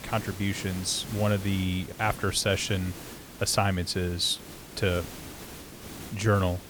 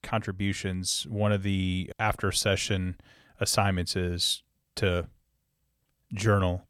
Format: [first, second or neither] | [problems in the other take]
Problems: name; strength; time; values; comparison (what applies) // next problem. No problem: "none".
second | hiss; noticeable; throughout; 15 dB below the speech